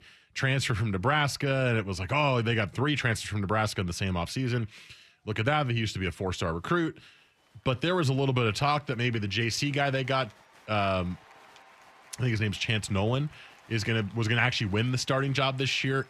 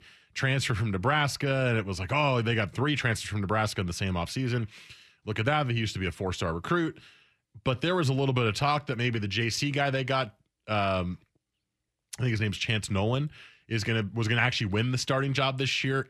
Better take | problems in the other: second | crowd noise; faint; throughout; 30 dB below the speech

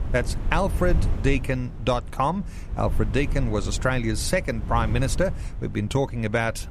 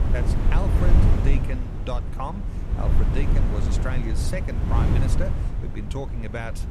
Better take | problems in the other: first | wind noise on the microphone; heavy; 1 dB below the speech; occasional gusts in the first

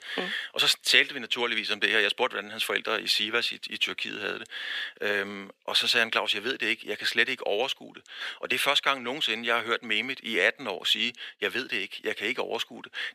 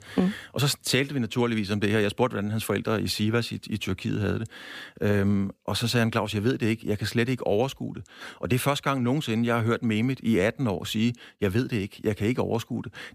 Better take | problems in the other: second | thin; very; fading below 500 Hz

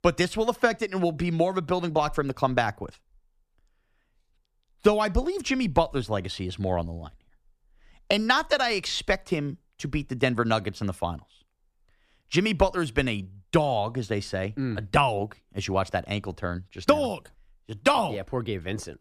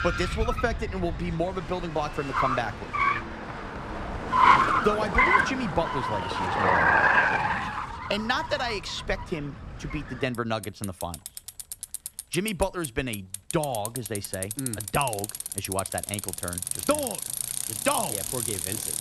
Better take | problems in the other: first | traffic noise; very loud; throughout; 4 dB above the speech

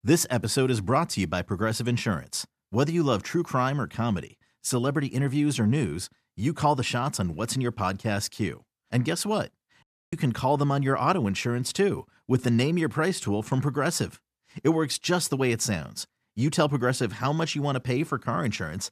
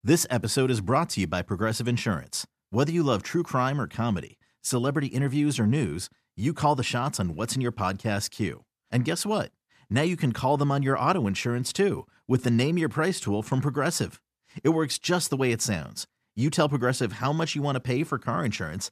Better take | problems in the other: second | audio cutting out; at 10 s

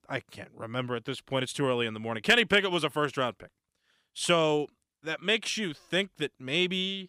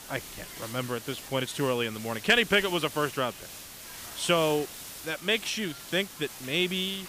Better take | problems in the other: first | hiss; noticeable; throughout; 15 dB below the speech

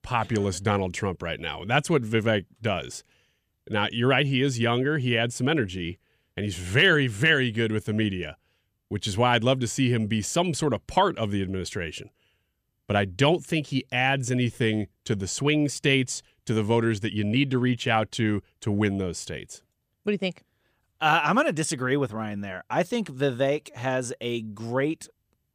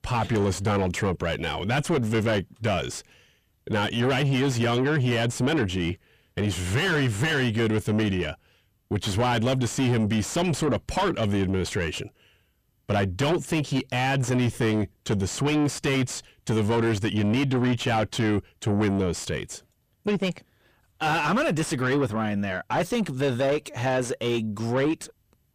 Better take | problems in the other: first | distortion; heavy; 6 dB below the speech

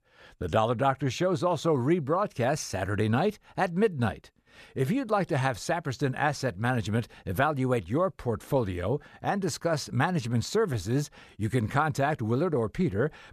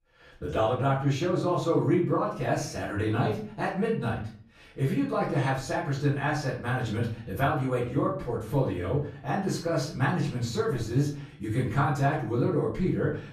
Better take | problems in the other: first | off-mic speech; far // room echo; slight; dies away in 0.4 s

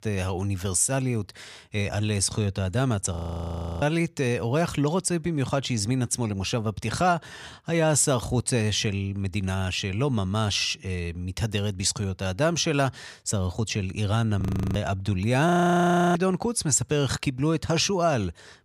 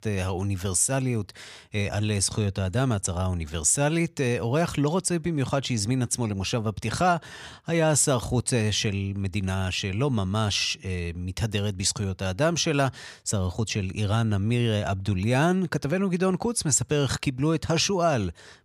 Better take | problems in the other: second | audio freezing; at 3 s for 0.5 s, at 14 s and at 15 s for 0.5 s

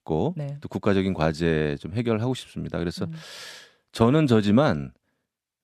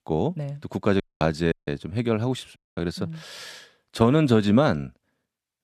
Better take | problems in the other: first | audio cutting out; at 1 s, at 1.5 s and at 2.5 s

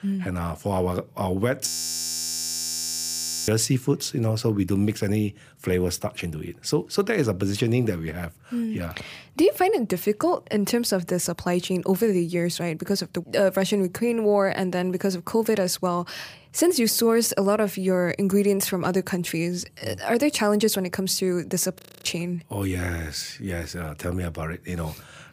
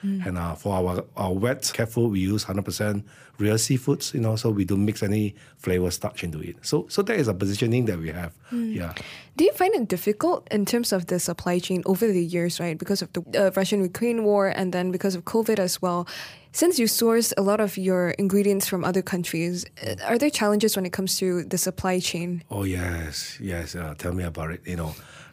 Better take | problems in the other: second | audio freezing; at 1.5 s for 2 s and at 22 s

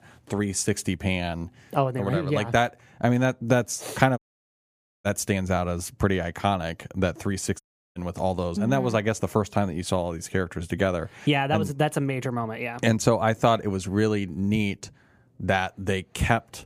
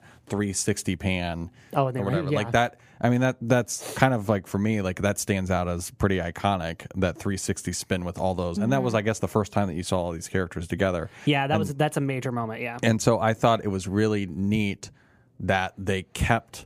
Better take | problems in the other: second | audio cutting out; at 4 s for 1 s and at 7.5 s

